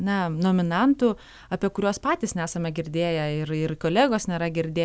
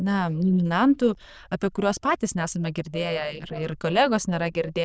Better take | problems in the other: first | noise reduction (neural diffusion model UNIVERSE++)

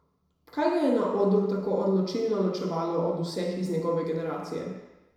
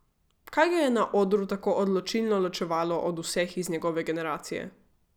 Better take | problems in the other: second | room echo; dies away in 1 s

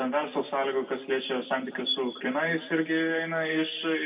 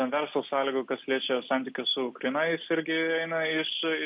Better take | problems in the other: second | room echo; dies away in 1.4 s

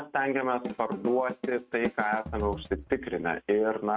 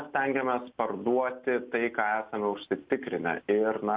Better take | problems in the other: second | noise reduction (neural mask model RNNoise)

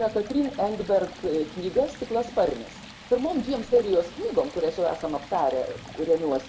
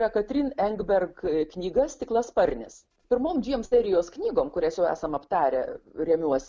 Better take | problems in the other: second | background sound (Stream); 17 dB below the speech // room echo; dies away in 0.4 s

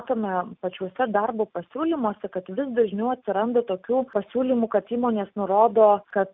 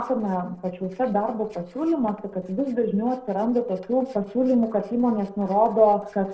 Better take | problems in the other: first | noise reduction (neural separator model SepFormer DNS4)

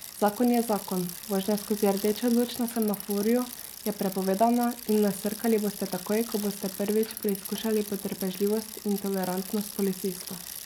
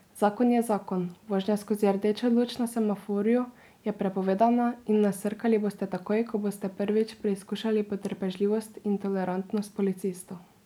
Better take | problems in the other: second | background sound (Bicycle); 12 dB below the speech

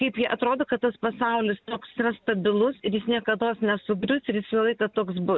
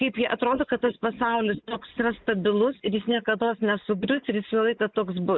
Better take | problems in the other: first | noise reduction (neural mask model Resemble Enhance denoiser)

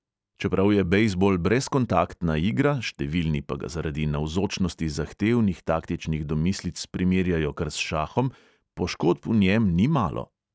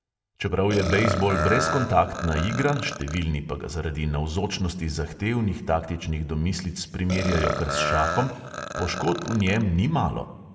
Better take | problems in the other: first | background sound (Burping, eructation); 5 dB below the speech // room echo; dies away in 1 s

